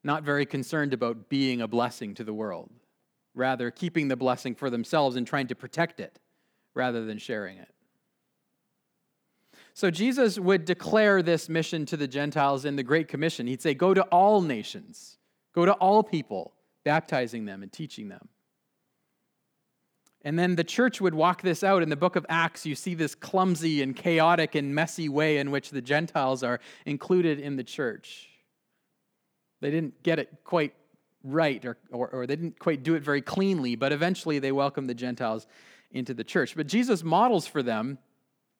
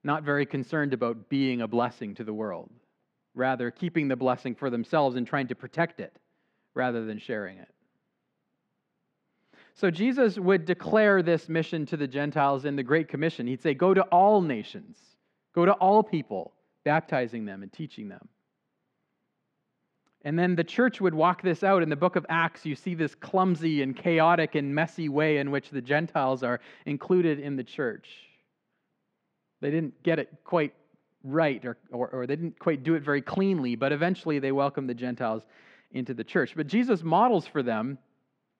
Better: first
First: none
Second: muffled; slightly; fading above 3 kHz

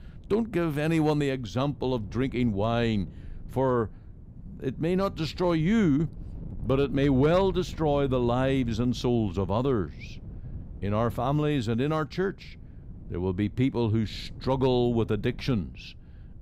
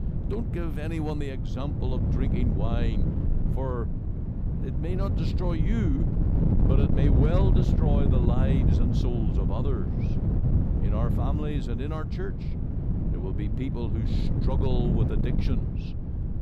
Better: first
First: wind noise on the microphone; occasional gusts; 25 dB below the speech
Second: wind noise on the microphone; heavy; 1 dB below the speech

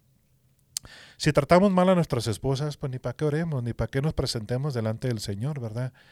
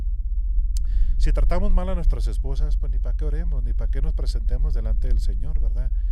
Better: first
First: none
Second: low rumble; noticeable; throughout; 10 dB below the speech

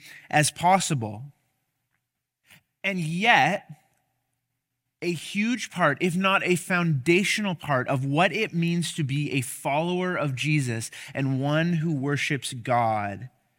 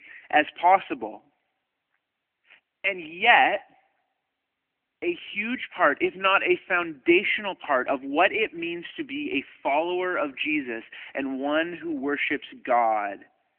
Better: first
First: none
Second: phone-call audio; nothing above 3 kHz

